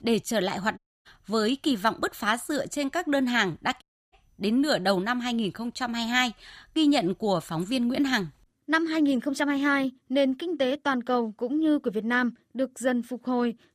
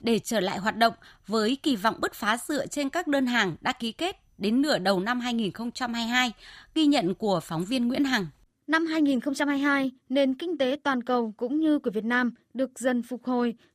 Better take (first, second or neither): second